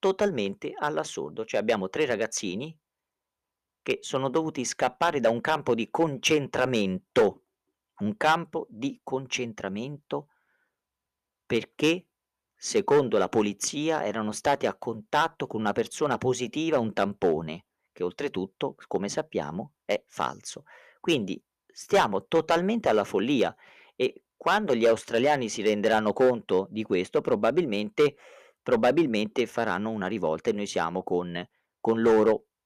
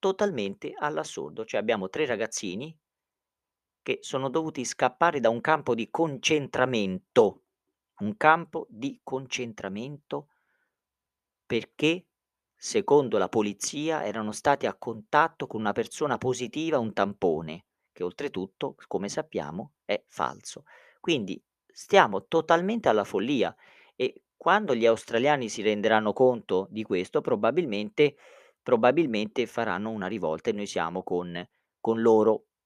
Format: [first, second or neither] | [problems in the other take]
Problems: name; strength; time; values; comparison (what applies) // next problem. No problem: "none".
second | distortion; slight; 1.9% of the sound clipped